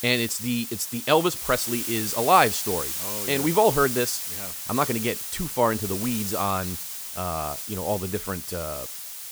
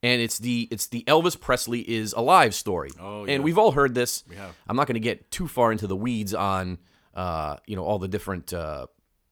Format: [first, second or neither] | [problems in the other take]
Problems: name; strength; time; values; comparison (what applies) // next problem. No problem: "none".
second | hiss; loud; throughout; 4 dB below the speech